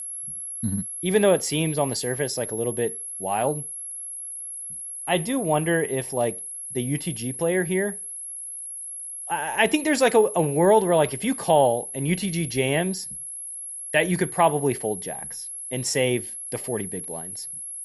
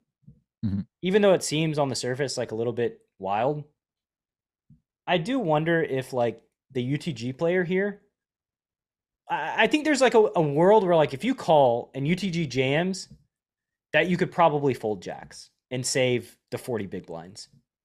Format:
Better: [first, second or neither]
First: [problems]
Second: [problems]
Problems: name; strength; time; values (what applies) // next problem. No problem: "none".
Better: second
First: high-pitched whine; loud; throughout; 11 kHz, 8 dB below the speech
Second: none